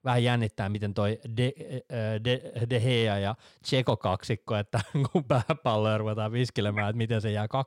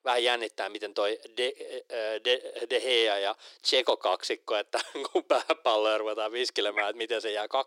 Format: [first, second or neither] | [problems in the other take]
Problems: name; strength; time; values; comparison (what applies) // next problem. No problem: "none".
first | thin; very; fading below 350 Hz